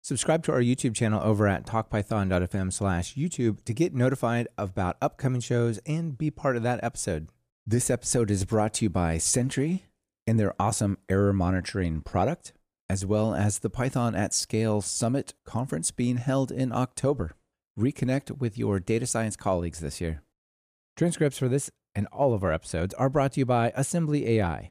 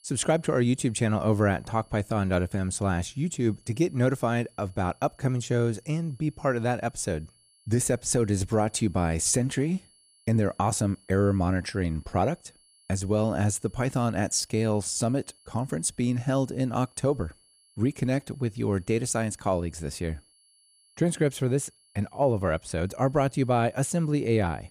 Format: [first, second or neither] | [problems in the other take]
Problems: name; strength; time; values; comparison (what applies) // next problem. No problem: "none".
first | high-pitched whine; faint; throughout; 11 kHz, 30 dB below the speech